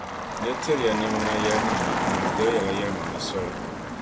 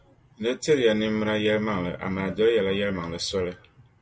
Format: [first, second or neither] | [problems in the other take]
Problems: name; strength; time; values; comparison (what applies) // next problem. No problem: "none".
second | background sound (Motor vehicle (road)); as loud as the speech